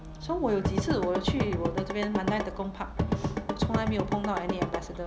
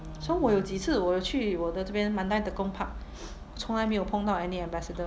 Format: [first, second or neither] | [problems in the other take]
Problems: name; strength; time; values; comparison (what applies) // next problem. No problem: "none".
second | background sound (Drum / Drum kit); 1 dB above the speech